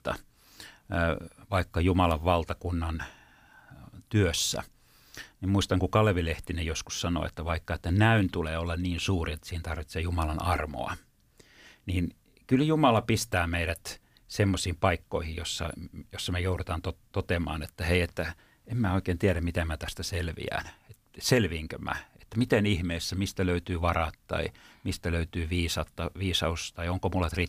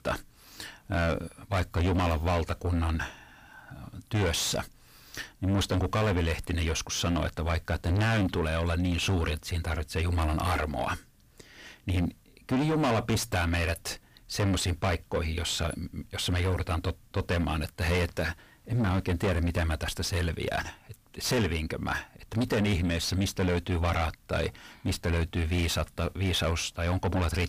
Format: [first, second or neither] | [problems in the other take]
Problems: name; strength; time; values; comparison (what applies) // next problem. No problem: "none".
first | distortion; heavy; 7 dB below the speech